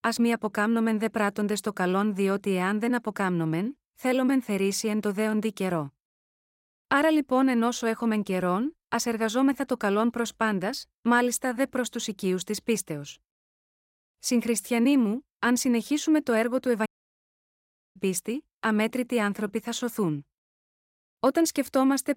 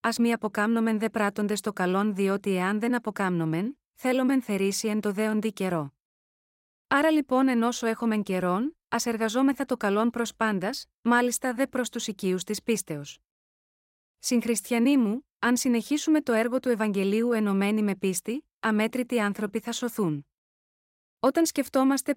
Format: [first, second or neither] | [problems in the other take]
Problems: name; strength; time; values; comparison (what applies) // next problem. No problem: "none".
second | audio cutting out; at 17 s for 1 s